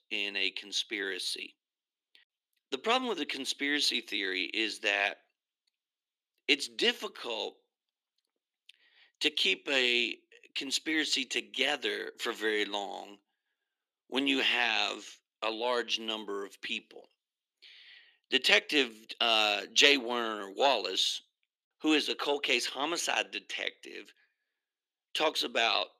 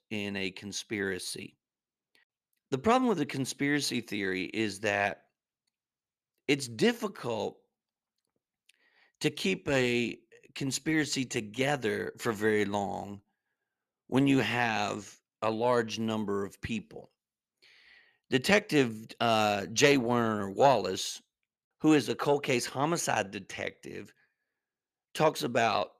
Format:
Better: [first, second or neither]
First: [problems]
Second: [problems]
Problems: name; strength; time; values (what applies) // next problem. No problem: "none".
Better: second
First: thin; very slightly; fading below 300 Hz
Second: none